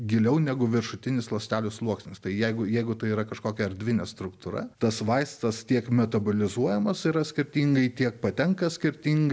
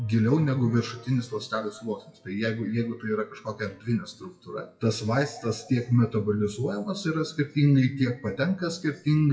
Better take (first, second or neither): first